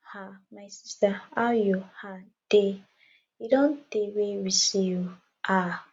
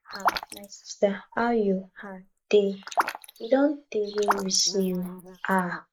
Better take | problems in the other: first | noise reduction (neural mask model Resemble Enhance denoiser)

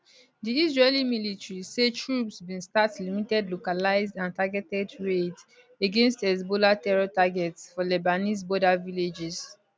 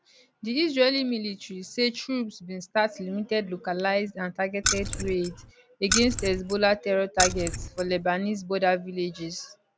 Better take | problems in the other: first | background sound (Keys jangling); 3 dB below the speech

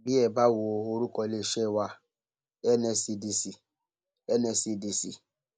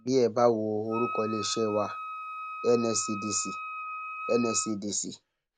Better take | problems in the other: first | background sound (Wind instrument, woodwind instrument); 9 dB below the speech

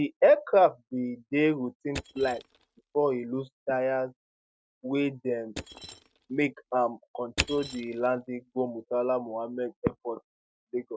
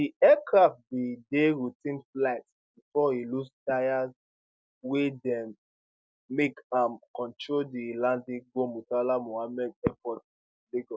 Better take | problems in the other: second | noise reduction (neural mask model RNNoise)

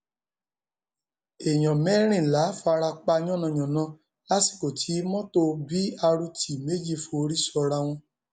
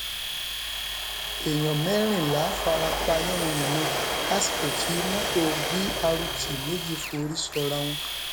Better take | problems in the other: first | background sound (Domestic sounds, home sounds + Train); as loud as the speech

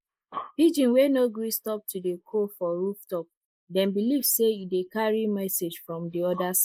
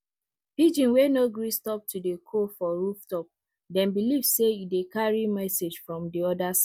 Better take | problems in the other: second | noise reduction (neural mask model Resemble Enhance denoiser)

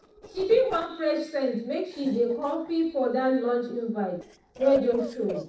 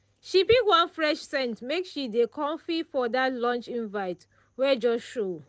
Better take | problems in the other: second | noise reduction (neural separator model SepFormer DNS4)

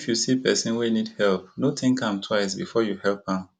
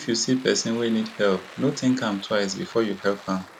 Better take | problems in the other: first | background sound (Applause + Domestic sounds, home sounds); 19 dB below the speech

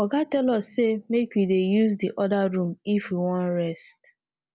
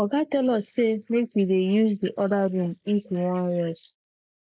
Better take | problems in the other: first | noise reduction (neural mask model Resemble Enhance denoiser)

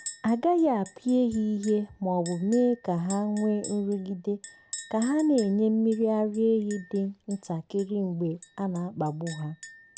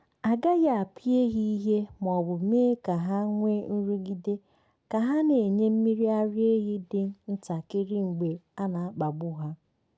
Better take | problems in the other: second | background sound (Chink, clink); 18 dB below the speech

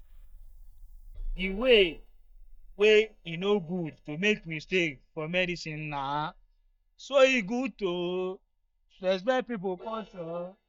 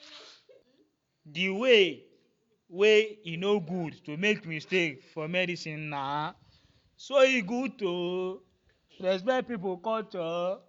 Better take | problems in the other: second | noise reduction (neural mask model DeepFilterNet 3)

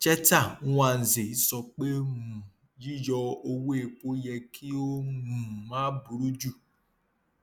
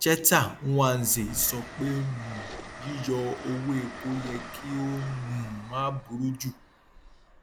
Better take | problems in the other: first | background sound (Mechanisms + Train); 14 dB below the speech

